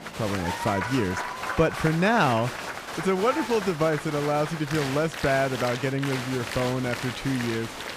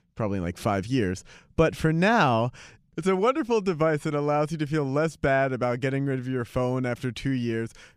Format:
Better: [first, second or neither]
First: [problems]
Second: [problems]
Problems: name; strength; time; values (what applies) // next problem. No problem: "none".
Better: second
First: crowd noise; loud; throughout; 6 dB below the speech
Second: none